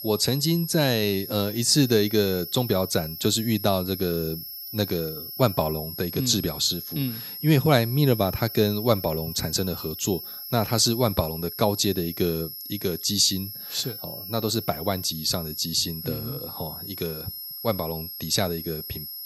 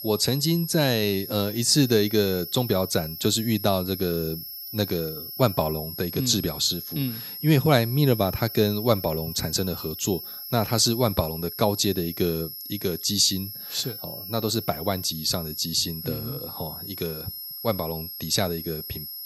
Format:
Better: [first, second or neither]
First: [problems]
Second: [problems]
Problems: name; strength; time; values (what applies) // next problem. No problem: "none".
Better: neither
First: high-pitched whine; loud; throughout; 11.5 kHz, 9 dB below the speech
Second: high-pitched whine; loud; throughout; 11.5 kHz, 9 dB below the speech